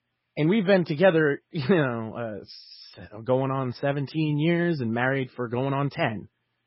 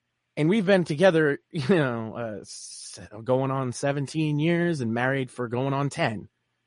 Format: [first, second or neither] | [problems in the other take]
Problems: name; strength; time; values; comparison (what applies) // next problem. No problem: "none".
second | garbled, watery; badly; nothing above 5.5 kHz; slightly in the second